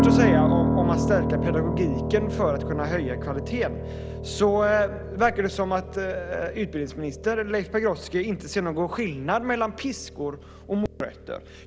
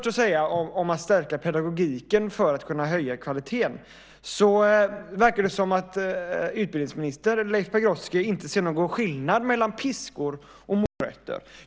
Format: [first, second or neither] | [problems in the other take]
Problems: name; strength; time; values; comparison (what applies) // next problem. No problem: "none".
second | background sound (Piano); 1 dB below the speech